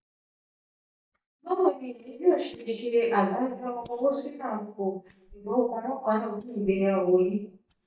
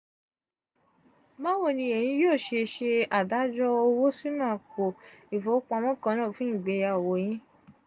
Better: second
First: noise reduction (neural mask model DeepFilterNet 3)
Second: none

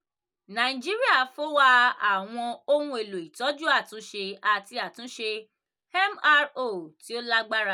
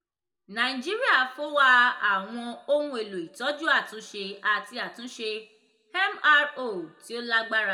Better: first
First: none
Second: room echo; dies away in 1.3 s

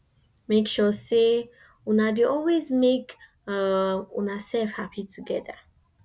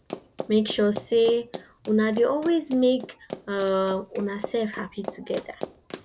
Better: first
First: none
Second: background sound (Keys jangling + Run); 14 dB below the speech

